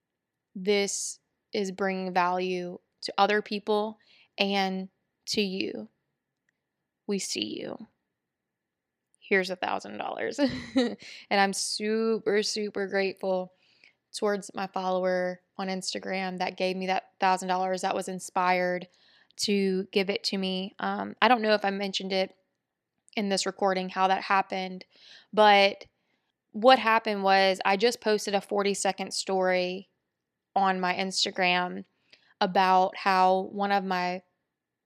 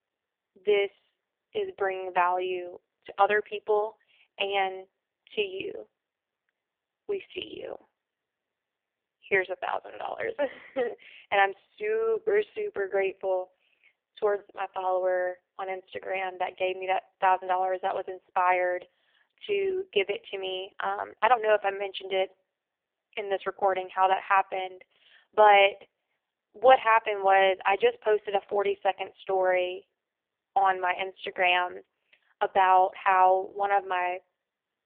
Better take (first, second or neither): first